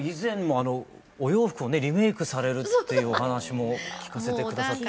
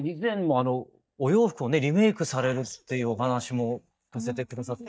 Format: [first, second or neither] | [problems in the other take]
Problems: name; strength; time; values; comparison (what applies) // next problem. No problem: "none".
first | noise reduction (neural mask model DeepFilterNet 3)